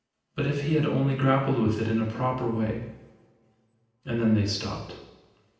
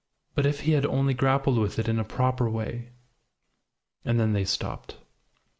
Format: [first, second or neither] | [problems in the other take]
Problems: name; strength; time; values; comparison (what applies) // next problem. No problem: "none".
second | room echo; dies away in 0.9 s